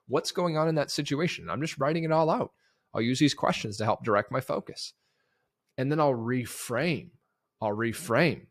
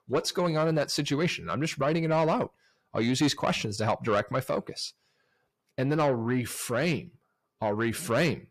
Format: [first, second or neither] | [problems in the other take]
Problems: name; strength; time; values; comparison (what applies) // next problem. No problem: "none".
first | distortion; slight; 10 dB below the speech